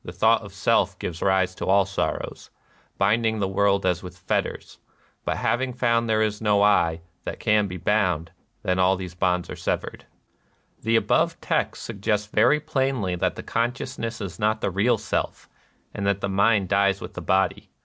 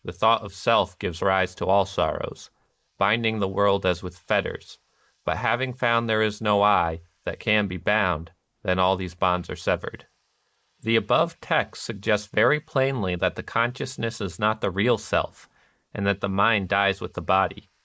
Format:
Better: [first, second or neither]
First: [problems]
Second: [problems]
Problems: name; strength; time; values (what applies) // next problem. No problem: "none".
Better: first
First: none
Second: noise reduction (neural mask model Resemble Enhance denoiser)